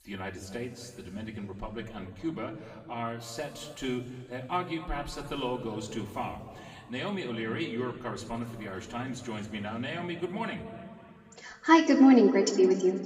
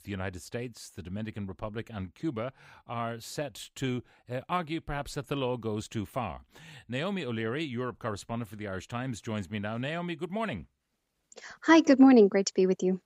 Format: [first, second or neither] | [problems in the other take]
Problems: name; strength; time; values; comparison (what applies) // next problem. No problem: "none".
second | room echo; noticeable; dies away in 2 s // off-mic speech; far